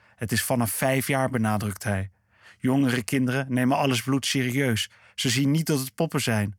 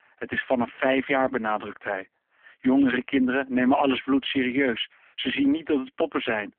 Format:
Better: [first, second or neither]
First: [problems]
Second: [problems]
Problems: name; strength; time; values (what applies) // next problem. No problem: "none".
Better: first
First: none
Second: phone-call audio; poor line; nothing above 3.5 kHz